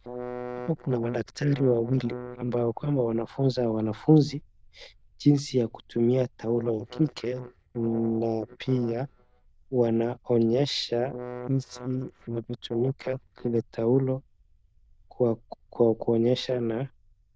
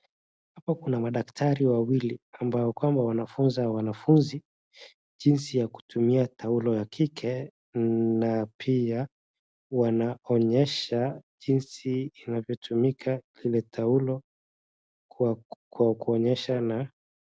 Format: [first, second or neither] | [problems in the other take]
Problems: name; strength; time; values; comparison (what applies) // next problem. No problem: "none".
second | noise reduction (neural diffusion model UNIVERSE++)